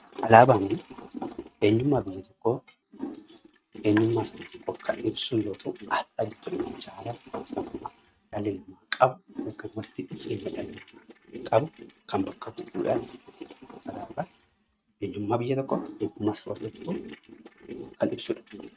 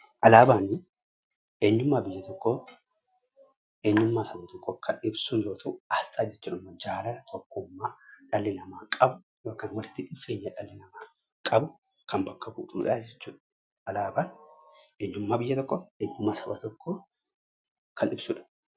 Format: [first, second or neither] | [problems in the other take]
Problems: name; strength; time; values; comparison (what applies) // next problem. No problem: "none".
second | noise reduction (neural mask model RNNoise)